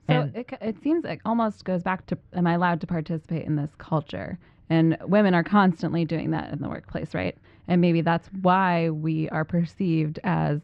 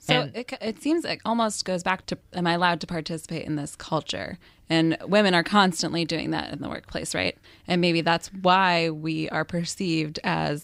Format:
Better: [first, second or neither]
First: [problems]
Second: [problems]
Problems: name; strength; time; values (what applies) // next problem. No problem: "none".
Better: second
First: muffled; very; fading above 2 kHz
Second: none